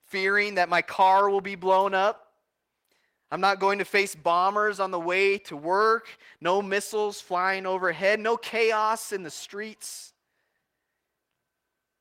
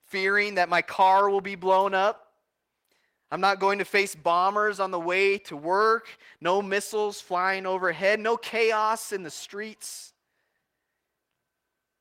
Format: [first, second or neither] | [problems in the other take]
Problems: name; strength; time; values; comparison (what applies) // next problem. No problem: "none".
neither | garbled, watery; slightly; nothing above 16 kHz; the same in both